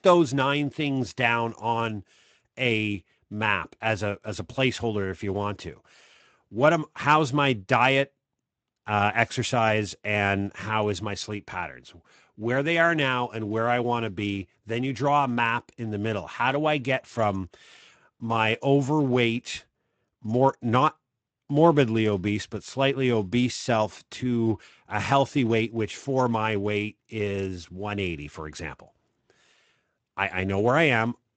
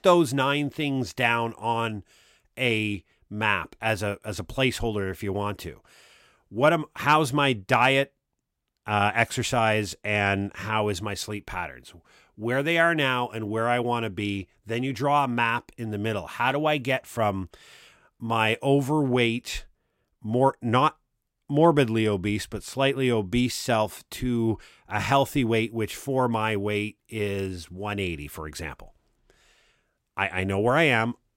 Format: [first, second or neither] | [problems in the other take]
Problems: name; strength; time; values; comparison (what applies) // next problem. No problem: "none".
second | garbled, watery; slightly; nothing above 8 kHz